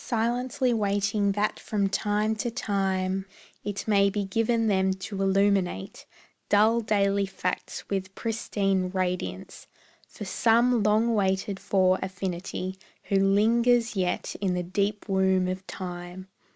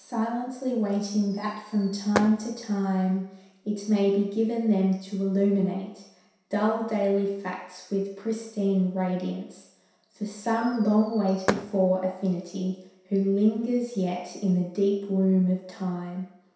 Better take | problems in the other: first | background sound (Fireworks); 11 dB below the speech // room echo; dies away in 0.7 s

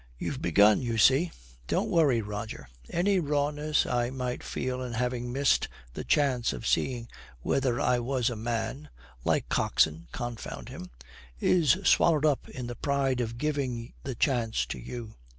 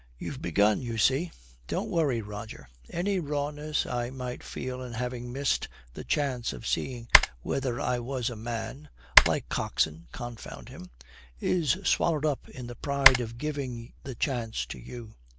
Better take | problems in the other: first | background sound (Typing); 2 dB above the speech

